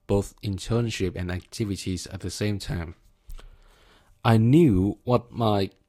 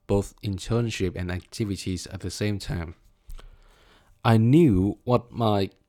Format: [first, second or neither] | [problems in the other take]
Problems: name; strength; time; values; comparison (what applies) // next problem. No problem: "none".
second | garbled, watery; slightly; nothing above 15 kHz